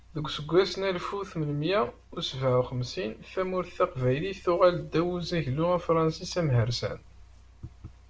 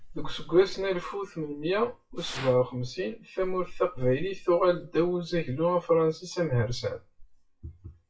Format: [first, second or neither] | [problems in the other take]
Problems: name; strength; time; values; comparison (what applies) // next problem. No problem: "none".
first | noise reduction (classical method WPE with log-MMSE)